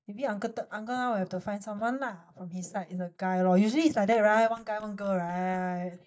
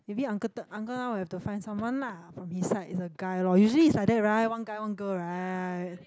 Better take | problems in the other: second | noise reduction (neural mask model DeepFilterNet 3)

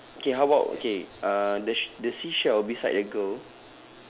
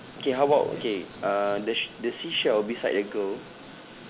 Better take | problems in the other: first | background sound (Thunder / Rain); 18 dB below the speech

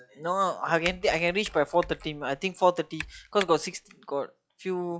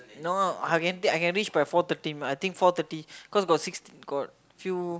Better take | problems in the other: second | noise reduction (classical method log-MMSE)

